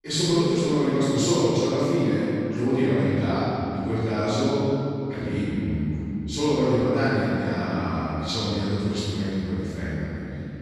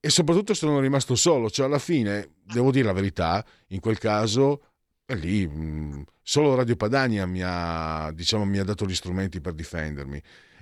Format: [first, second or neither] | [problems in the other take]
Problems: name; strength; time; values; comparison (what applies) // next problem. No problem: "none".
second | room echo; strong; dies away in 3 s // off-mic speech; far